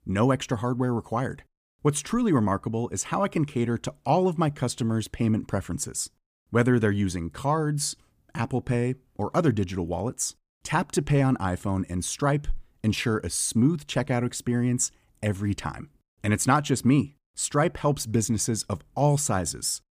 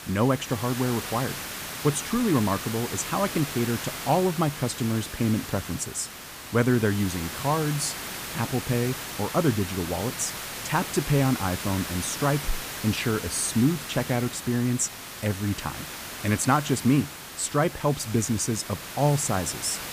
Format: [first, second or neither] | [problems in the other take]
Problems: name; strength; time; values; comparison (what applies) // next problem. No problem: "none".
first | hiss; loud; throughout; 8 dB below the speech